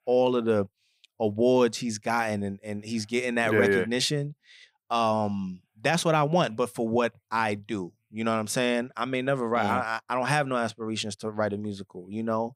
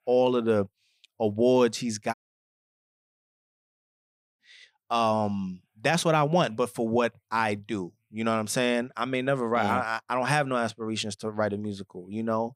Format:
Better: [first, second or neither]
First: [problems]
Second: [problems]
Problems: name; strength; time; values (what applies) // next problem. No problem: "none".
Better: first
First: none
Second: audio cutting out; at 2 s for 2 s